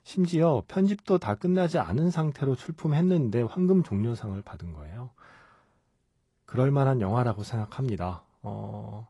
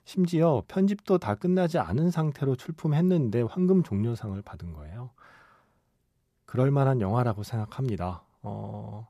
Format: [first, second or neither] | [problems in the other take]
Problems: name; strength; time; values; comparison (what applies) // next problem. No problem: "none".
second | garbled, watery; slightly; nothing above 10.5 kHz